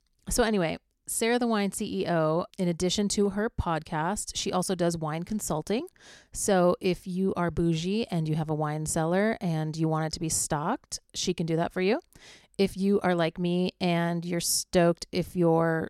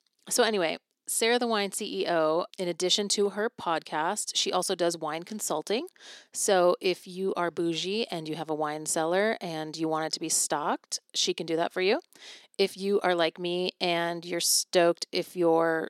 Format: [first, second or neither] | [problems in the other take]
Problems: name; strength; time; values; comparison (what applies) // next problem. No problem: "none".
first | thin; somewhat; fading below 300 Hz